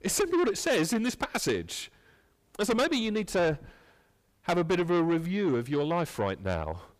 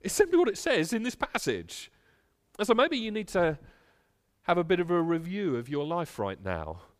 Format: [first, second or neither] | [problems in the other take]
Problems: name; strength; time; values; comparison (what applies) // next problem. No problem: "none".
second | distortion; heavy; 7 dB below the speech